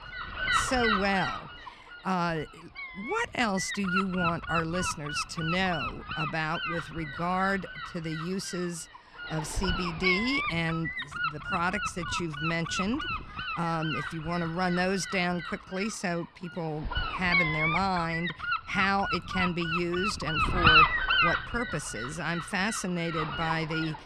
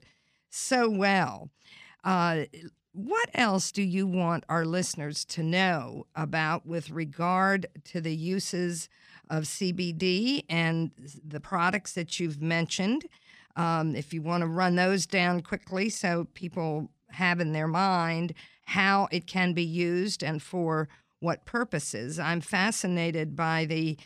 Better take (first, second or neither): second